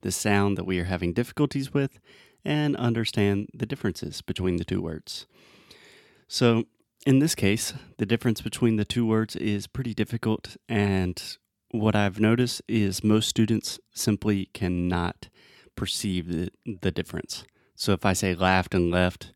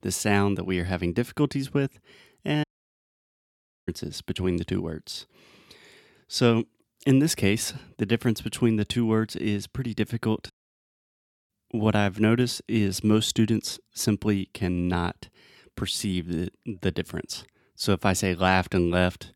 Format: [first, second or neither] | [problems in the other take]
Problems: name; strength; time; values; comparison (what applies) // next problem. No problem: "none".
first | audio cutting out; at 2.5 s for 1 s and at 11 s for 1 s